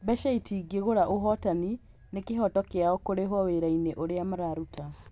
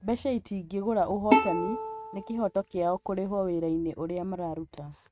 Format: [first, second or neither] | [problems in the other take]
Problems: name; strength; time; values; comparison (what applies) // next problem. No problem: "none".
first | noise reduction (neural mask model RNNoise)